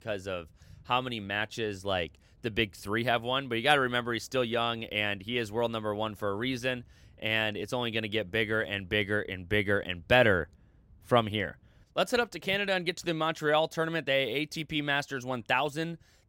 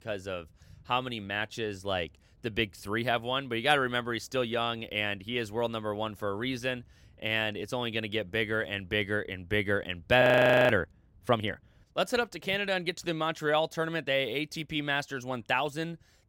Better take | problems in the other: first | audio freezing; at 10 s

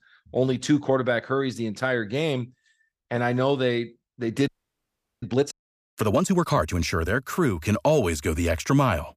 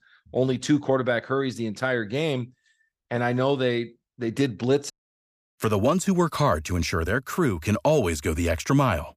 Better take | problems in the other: second | audio freezing; at 4.5 s for 0.5 s

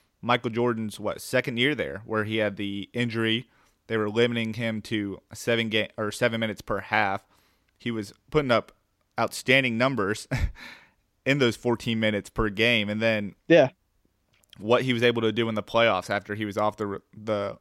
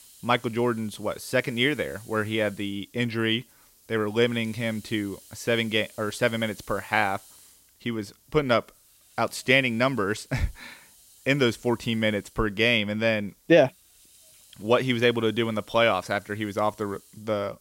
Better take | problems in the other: first | hiss; faint; throughout; 25 dB below the speech

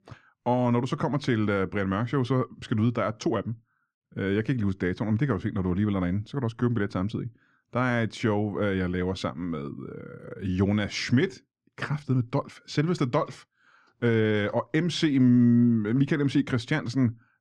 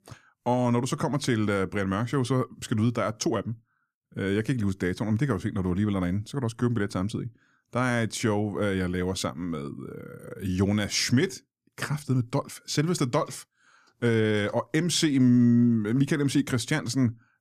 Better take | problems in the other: second | muffled; slightly; fading above 3.5 kHz

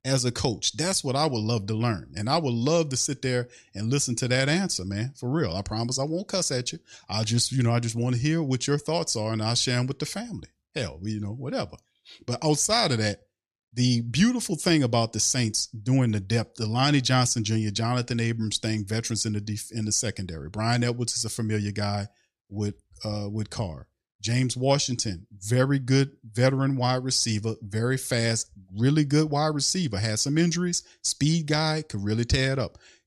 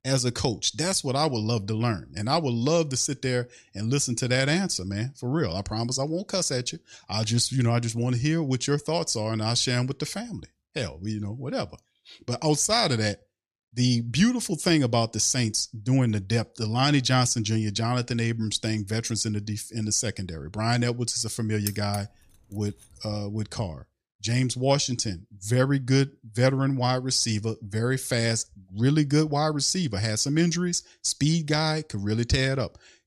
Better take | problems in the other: first | jangling keys; noticeable; at 22 s; peak 9 dB below the speech

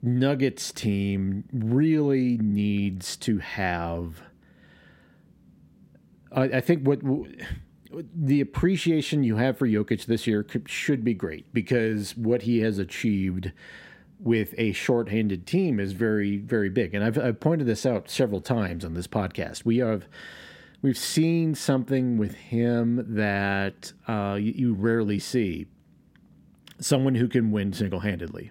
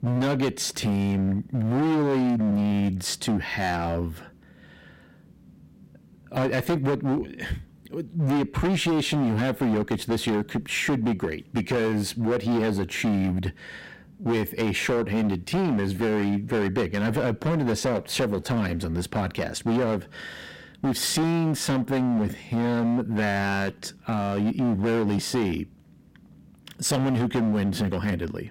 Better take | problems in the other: first | distortion; heavy; 18% of the sound clipped

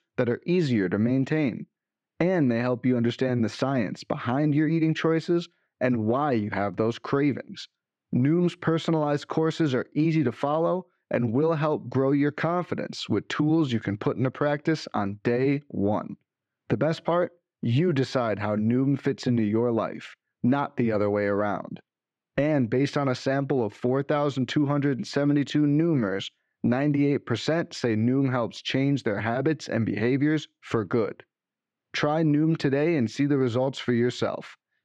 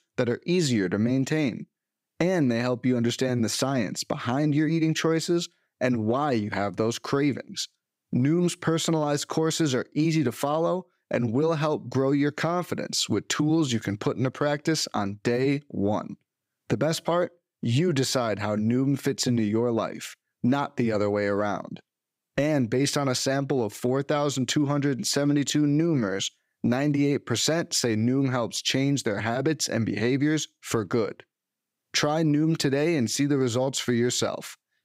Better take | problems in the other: second | muffled; slightly; fading above 2.5 kHz

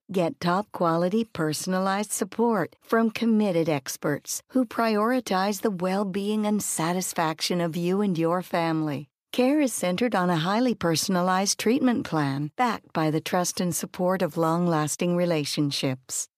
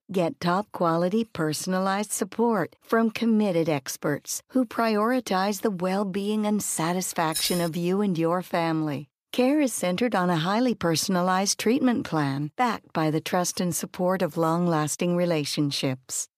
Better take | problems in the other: first | jangling keys; noticeable; at 7.5 s; peak 4 dB below the speech

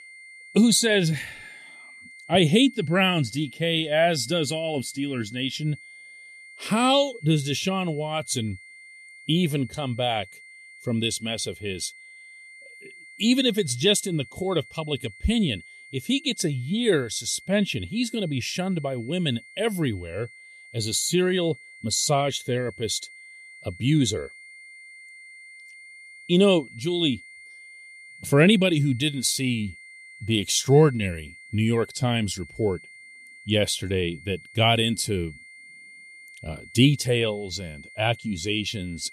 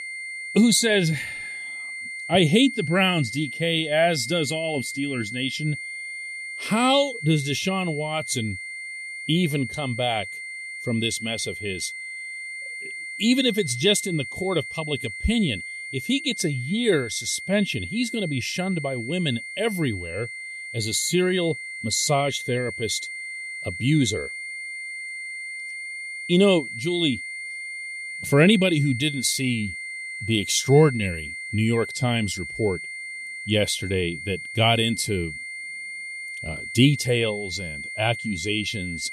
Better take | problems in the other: first | high-pitched whine; loud; throughout; 2 kHz, 9 dB below the speech; faint in the first

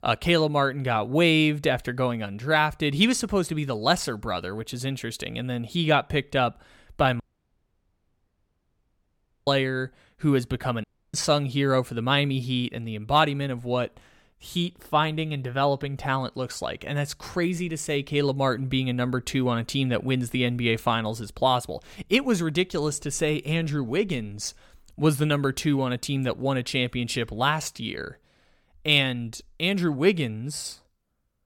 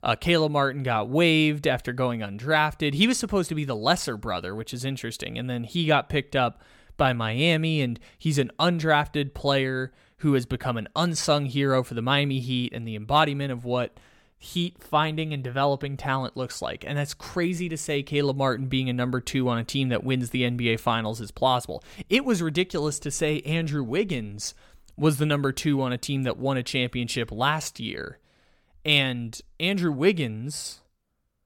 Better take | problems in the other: second | audio cutting out; at 7 s for 2.5 s and at 11 s

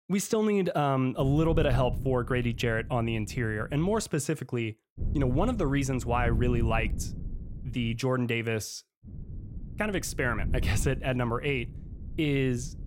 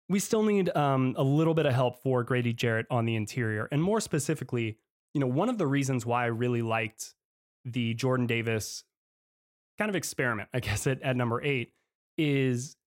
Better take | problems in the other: second | wind noise on the microphone; occasional gusts; from 1 to 4 s, from 5 to 8 s and from 9 s on; 20 dB below the speech

